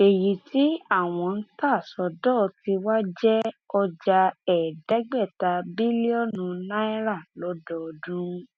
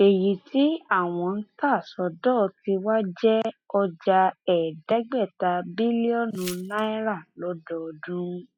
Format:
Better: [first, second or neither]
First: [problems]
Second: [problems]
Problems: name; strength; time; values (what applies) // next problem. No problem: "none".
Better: first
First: none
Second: noise reduction (classical method log-MMSE)